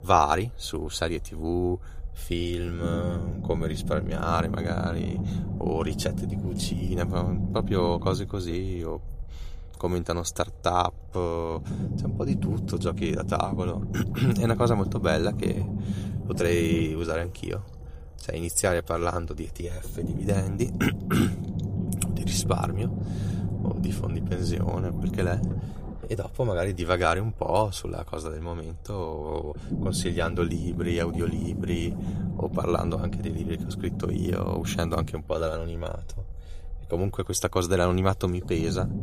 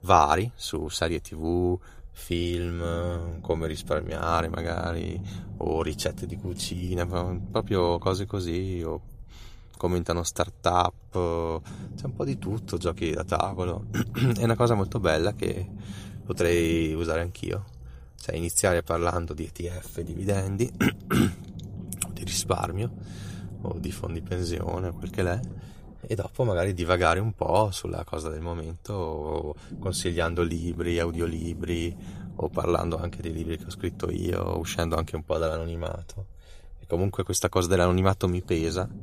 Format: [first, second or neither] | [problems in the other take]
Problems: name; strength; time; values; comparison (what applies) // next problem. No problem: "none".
second | low rumble; loud; throughout; 10 dB below the speech; faint in the second